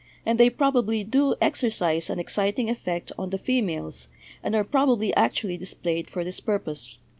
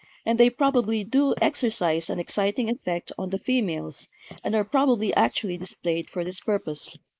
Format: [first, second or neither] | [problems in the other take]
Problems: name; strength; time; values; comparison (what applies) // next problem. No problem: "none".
first | noise reduction (neural mask model Resemble Enhance denoiser)